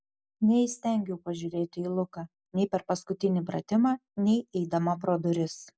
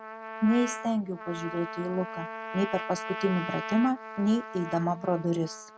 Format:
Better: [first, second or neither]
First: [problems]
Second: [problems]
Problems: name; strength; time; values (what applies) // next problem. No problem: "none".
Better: first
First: none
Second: background sound (Trumpet); 9 dB below the speech